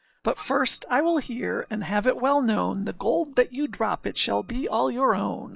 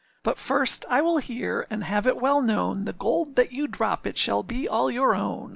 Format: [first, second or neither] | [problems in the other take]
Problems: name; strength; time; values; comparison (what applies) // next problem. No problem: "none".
second | noise reduction (neural mask model DeepFilterNet 3)